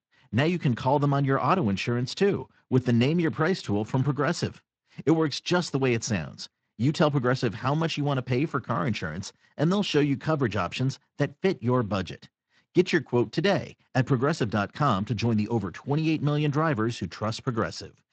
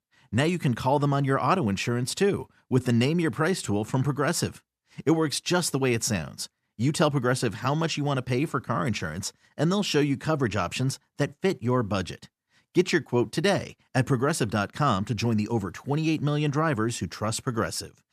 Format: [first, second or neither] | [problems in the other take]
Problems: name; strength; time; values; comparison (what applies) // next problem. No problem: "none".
second | garbled, watery; slightly; nothing above 8 kHz